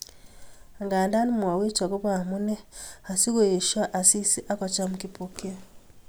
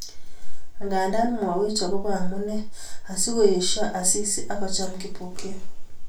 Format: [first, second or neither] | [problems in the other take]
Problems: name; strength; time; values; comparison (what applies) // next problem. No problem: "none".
first | room echo; dies away in 0.2 s